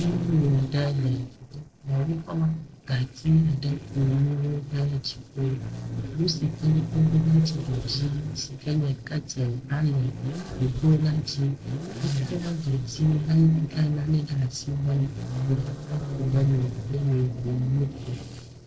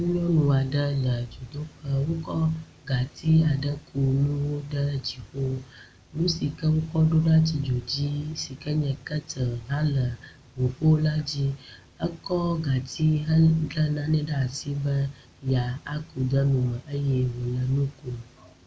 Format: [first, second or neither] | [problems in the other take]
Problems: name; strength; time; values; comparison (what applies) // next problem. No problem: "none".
second | noise reduction (neural separator model SepFormer DNS4)